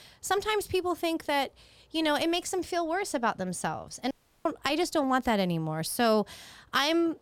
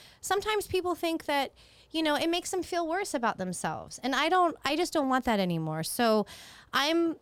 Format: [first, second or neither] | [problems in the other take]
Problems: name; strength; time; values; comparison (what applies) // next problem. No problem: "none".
second | audio cutting out; at 4 s